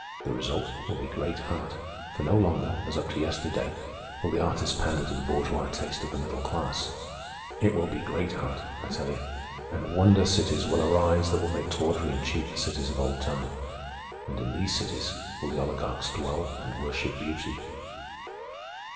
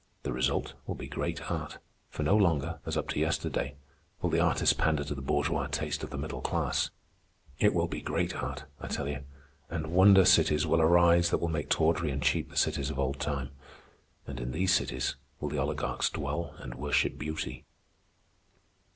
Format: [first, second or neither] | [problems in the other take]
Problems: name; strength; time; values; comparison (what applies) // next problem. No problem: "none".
second | background sound (Siren); 11 dB below the speech // room echo; dies away in 2.3 s